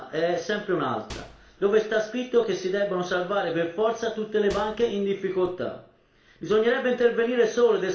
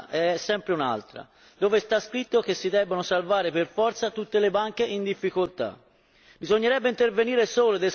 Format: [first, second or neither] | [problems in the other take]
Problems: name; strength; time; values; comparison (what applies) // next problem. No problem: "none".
second | background sound (Microwave oven); 17 dB below the speech // room echo; dies away in 0.5 s